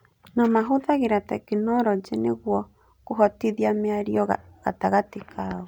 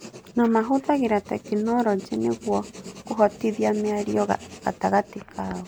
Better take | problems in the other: first | background sound (Writing); 18 dB below the speech

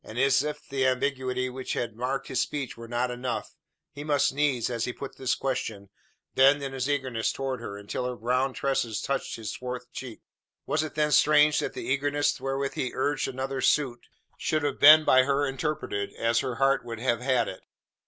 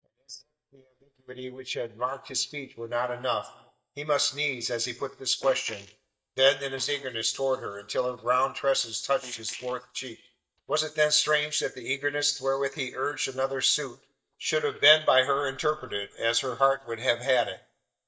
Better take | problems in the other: first | noise reduction (neural mask model DeepFilterNet 3)

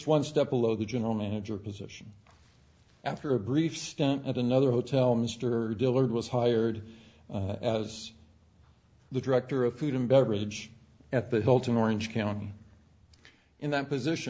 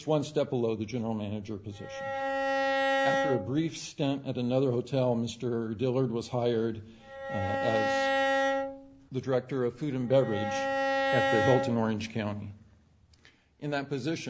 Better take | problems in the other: first | background sound (Bowed string instrument); 1 dB above the speech

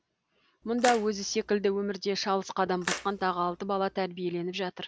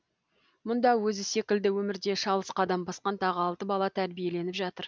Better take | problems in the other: second | background sound (Splash, splatter); 10 dB below the speech

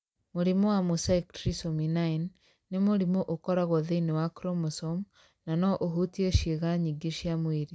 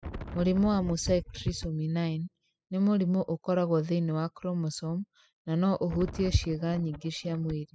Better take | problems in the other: first | noise reduction (classical method spectral subtraction)

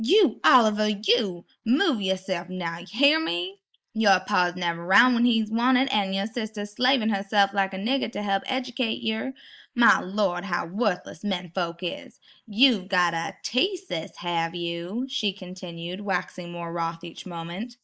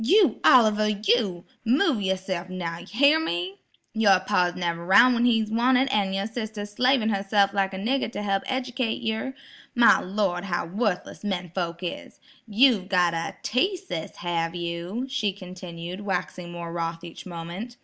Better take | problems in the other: second | noise reduction (neural mask model Resemble Enhance denoiser)

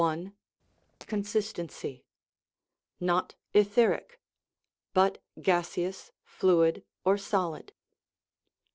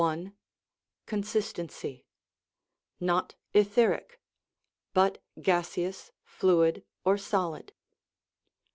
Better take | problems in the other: second | noise reduction (neural separator model SepFormer DNS4)

